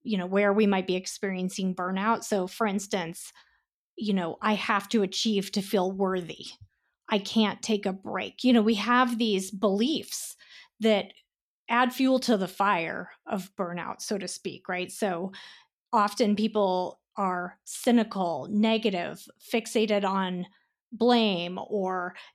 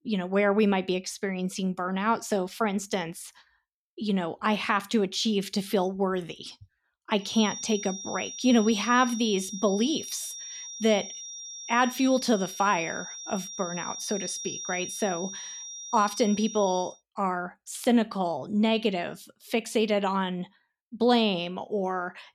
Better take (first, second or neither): first